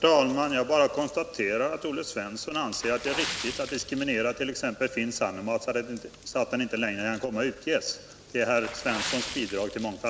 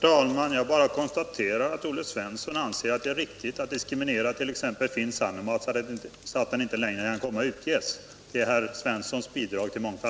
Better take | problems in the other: second | background sound (Water / Splash, splatter); 14 dB below the speech

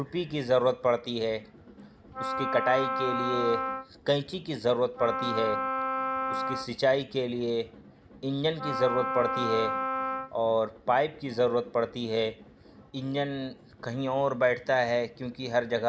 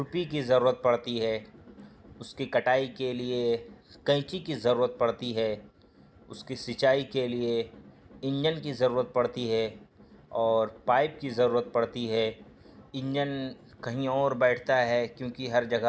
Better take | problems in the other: second | background sound (Wind instrument, woodwind instrument); 2 dB below the speech

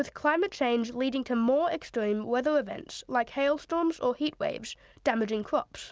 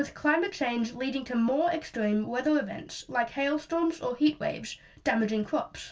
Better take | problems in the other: first | room echo; dies away in 0.2 s

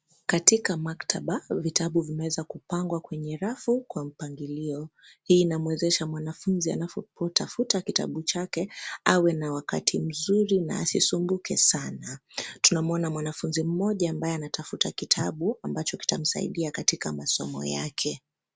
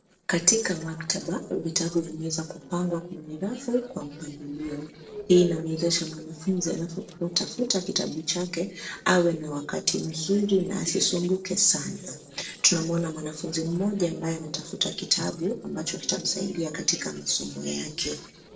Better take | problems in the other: first | noise reduction (neural separator model SepFormer DNS4)

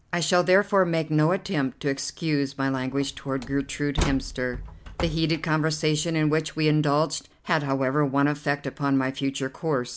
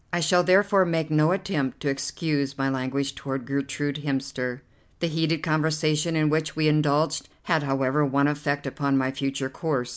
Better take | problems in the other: second | background sound (Slam); 10 dB below the speech

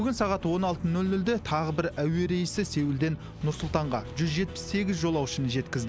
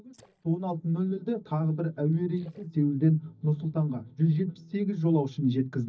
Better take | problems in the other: first | noise reduction (neural mask model DeepFilterNet 3)

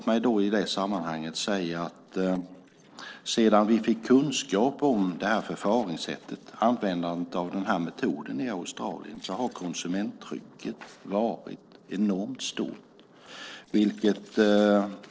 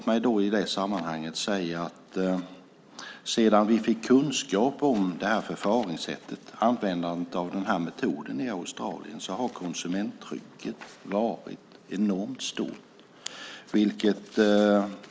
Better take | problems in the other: second | noise reduction (neural separator model SepFormer DNS4)

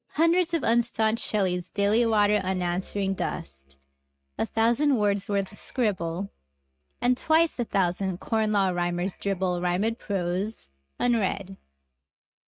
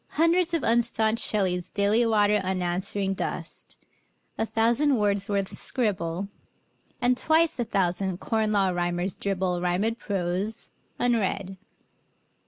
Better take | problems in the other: second | noise reduction (neural mask model RNNoise)

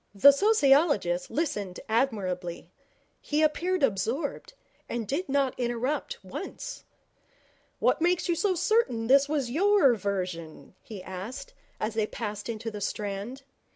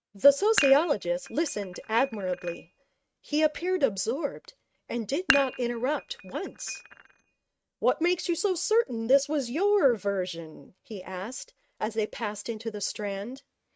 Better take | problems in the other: first | noise reduction (neural mask model RNNoise)

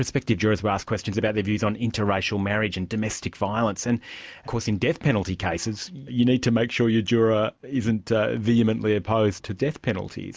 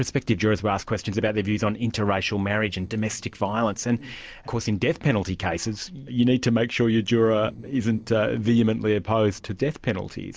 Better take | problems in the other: first | noise reduction (neural separator model SepFormer DNS4)

